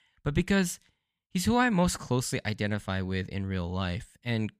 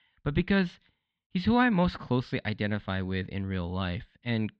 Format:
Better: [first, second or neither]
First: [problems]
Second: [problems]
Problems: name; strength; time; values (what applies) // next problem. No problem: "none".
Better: first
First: none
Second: muffled; slightly; fading above 4 kHz